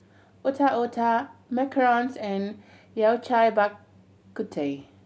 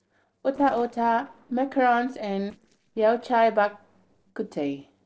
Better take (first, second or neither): first